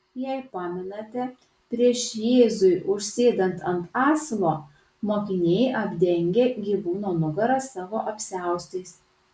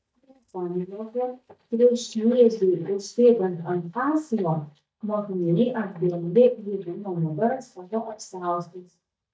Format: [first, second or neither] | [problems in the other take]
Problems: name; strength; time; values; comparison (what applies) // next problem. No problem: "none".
first | noise reduction (neural mask model DeepFilterNet 3)